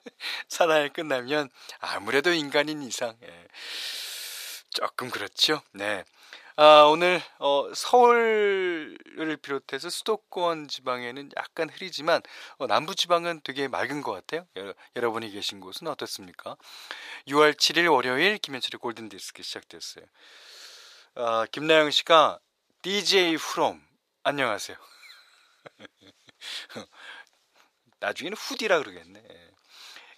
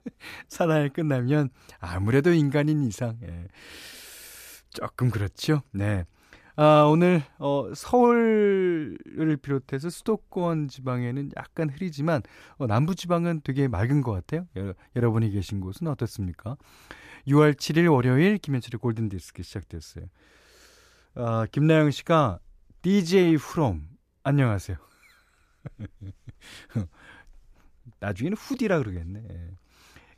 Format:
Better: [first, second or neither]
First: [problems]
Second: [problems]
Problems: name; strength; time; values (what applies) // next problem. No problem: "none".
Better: second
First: thin; very; fading below 650 Hz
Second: none